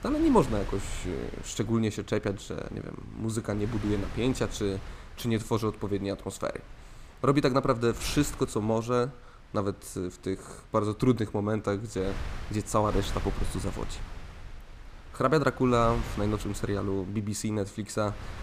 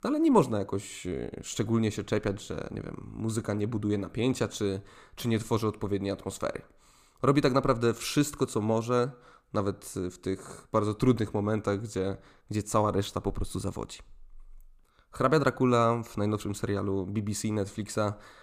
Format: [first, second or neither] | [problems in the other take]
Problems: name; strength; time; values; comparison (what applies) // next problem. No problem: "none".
second | wind noise on the microphone; occasional gusts; 15 dB below the speech